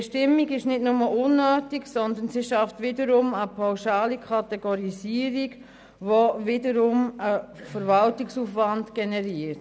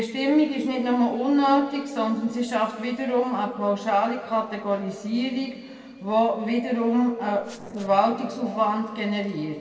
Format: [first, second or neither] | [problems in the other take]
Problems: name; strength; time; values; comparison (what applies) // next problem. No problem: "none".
first | noise reduction (neural separator model SepFormer DNS4)